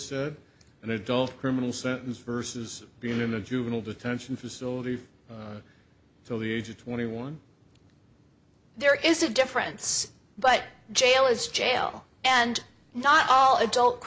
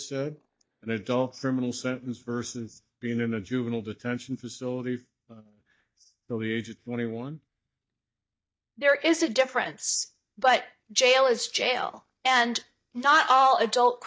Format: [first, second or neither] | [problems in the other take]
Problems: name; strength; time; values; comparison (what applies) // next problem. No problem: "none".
first | noise reduction (neural mask model DeepFilterNet 3)